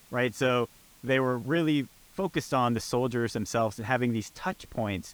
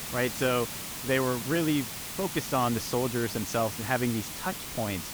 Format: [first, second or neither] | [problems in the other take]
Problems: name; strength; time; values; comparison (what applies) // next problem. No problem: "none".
first | hiss; loud; throughout; 5 dB below the speech; faint in the first